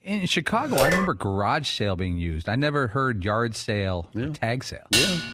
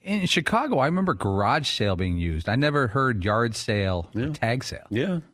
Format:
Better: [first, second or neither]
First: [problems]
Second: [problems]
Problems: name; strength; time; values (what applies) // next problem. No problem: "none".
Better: second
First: phone ringing; loud; at 0.5 s; peak 3 dB above the speech // clattering dishes; loud; at 5 s; peak 5 dB above the speech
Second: none